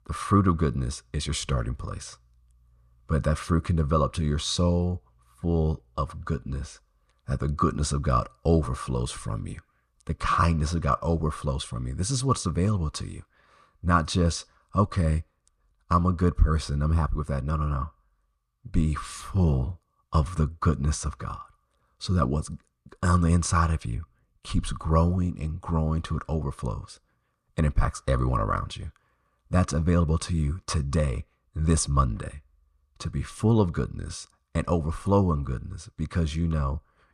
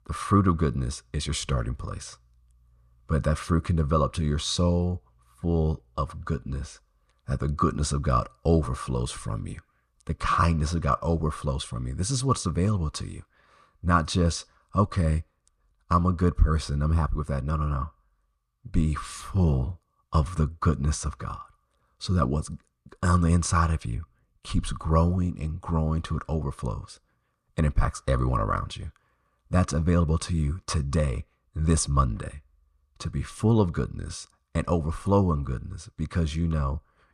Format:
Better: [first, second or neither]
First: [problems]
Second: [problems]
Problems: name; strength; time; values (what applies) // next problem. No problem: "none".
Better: neither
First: none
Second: none